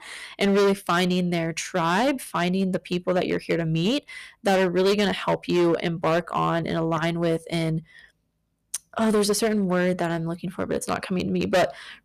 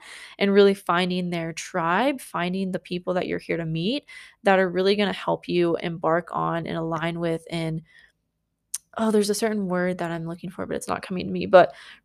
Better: second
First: distortion; heavy; 9% of the sound clipped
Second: none

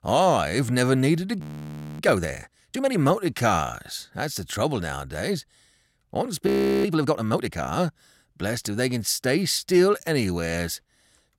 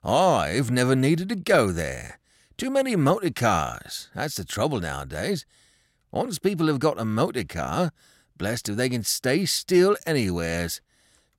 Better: second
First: audio freezing; at 1.5 s for 0.5 s and at 6.5 s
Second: none

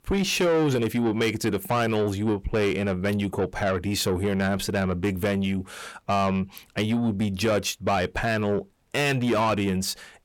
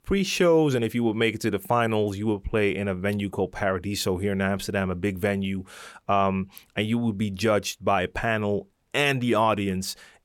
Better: second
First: distortion; slight; 10 dB below the speech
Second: none

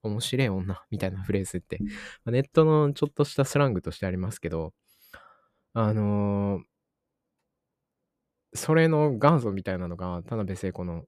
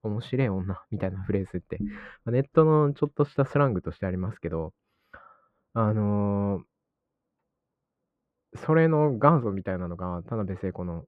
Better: first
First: none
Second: muffled; very; fading above 4 kHz

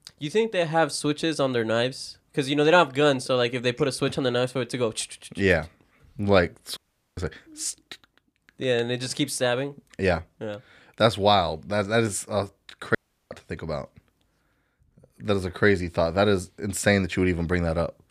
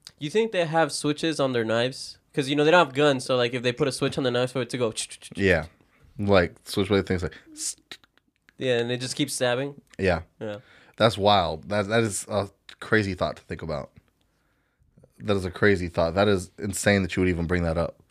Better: second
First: audio cutting out; at 7 s and at 13 s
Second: none

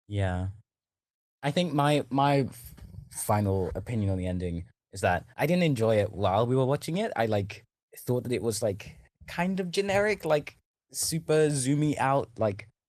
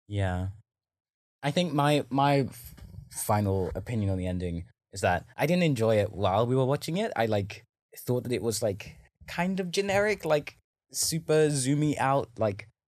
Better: second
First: garbled, watery; slightly; nothing above 13.5 kHz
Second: none

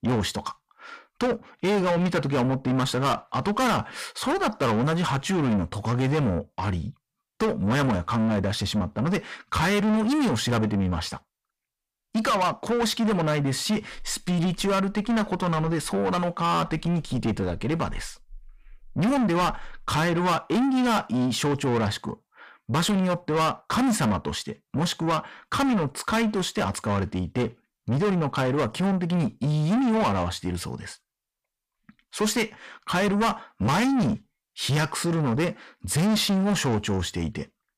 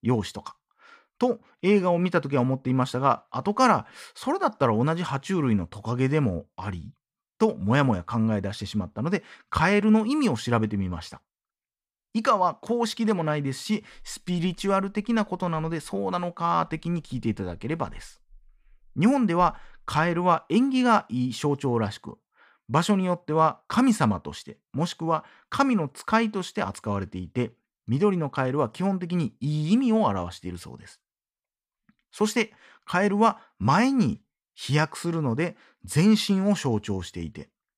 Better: second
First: distortion; heavy; 6 dB below the speech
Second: none

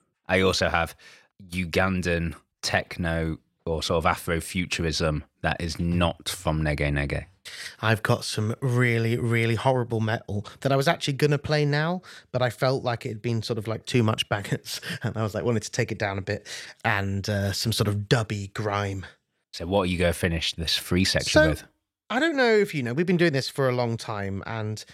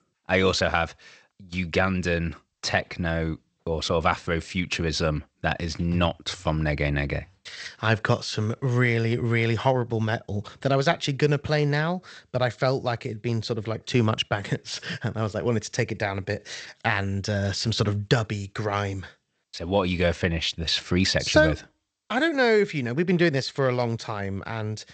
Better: first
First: none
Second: garbled, watery; slightly; nothing above 8 kHz

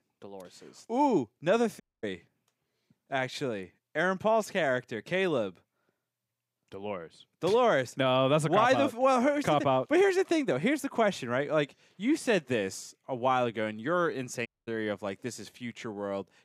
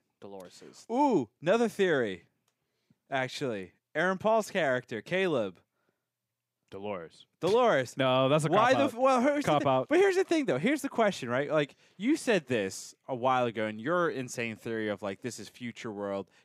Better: second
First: audio cutting out; at 2 s and at 14 s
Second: none

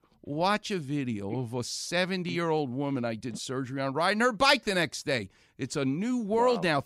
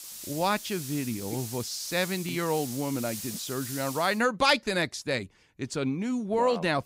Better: first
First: none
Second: hiss; loud; until 4 s; 9 dB below the speech

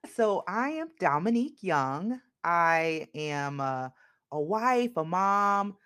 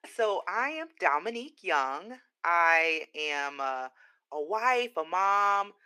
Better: first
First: none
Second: thin; very; fading below 350 Hz

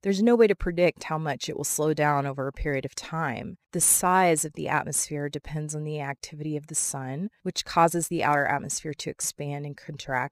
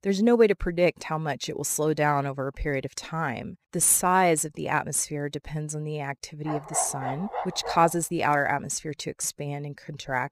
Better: first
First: none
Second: dog barking; noticeable; from 6.5 to 8 s; peak 7 dB below the speech

